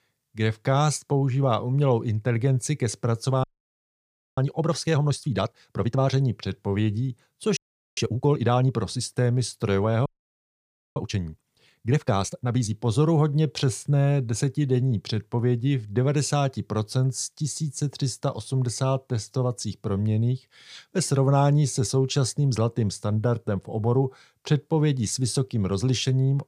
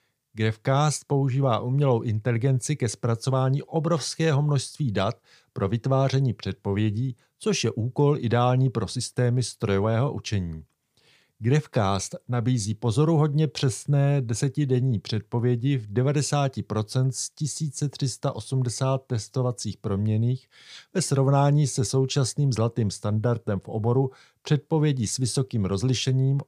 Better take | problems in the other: second | audio freezing; at 3.5 s for 1 s, at 7.5 s and at 10 s for 1 s

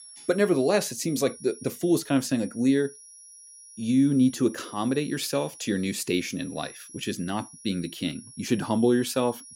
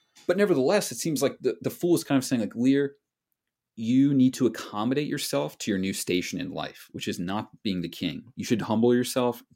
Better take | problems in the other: second | high-pitched whine; noticeable; throughout; 10.5 kHz, 20 dB below the speech

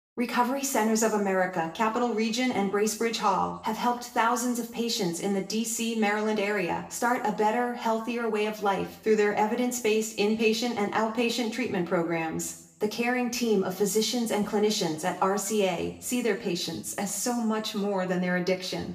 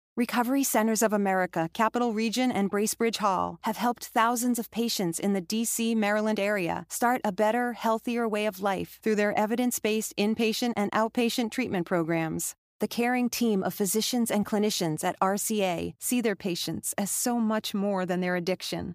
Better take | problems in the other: second | room echo; slight; dies away in 0.6 s // off-mic speech; somewhat distant

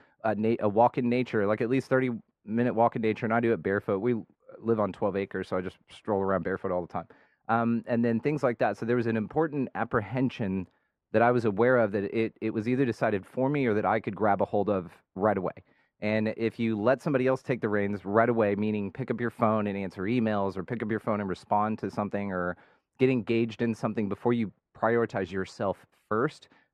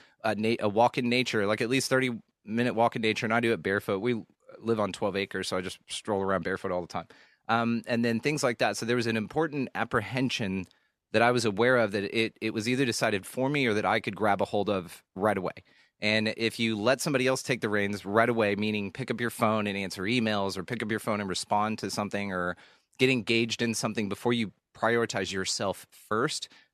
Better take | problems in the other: second | muffled; very; fading above 2.5 kHz

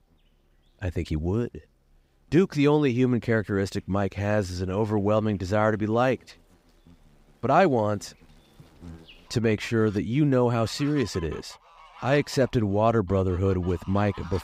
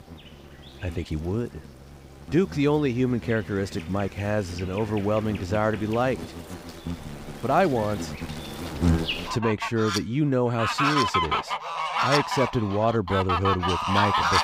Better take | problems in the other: first | animal sounds; loud; throughout; 2 dB below the speech; faint in the first

